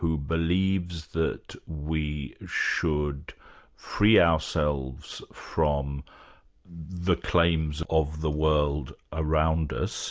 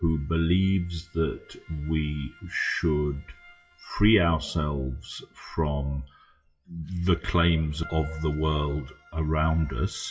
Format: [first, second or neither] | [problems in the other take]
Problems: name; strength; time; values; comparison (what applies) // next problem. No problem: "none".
first | noise reduction (classical method WPE with log-MMSE)